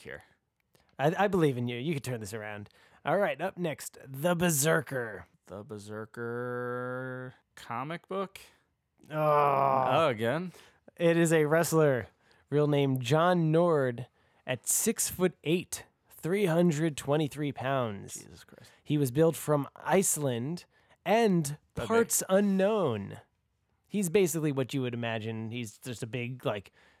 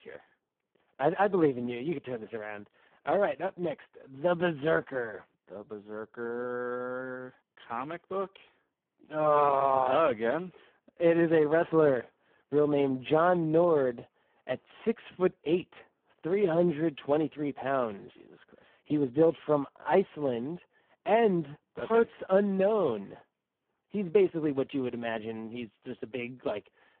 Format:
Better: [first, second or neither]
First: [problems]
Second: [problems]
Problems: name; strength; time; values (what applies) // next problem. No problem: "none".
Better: first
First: none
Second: phone-call audio; poor line